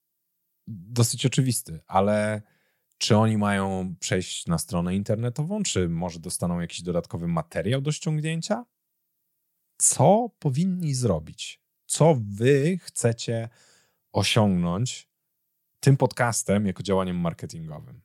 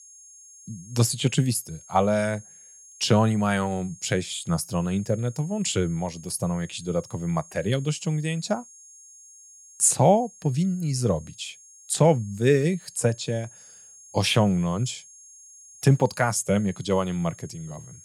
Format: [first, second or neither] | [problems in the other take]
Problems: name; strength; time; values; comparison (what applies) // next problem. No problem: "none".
first | high-pitched whine; faint; throughout; 6.5 kHz, 20 dB below the speech